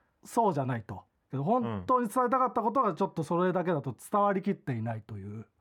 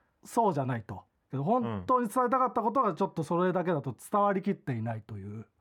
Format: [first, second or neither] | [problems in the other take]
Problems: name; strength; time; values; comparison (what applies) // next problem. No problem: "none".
neither | muffled; slightly; fading above 3 kHz; the same in both